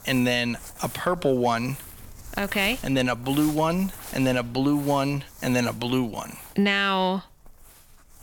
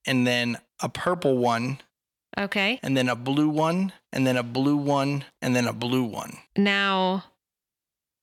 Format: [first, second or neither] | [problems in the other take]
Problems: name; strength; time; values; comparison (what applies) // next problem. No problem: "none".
second | household noises; noticeable; throughout; 15 dB below the speech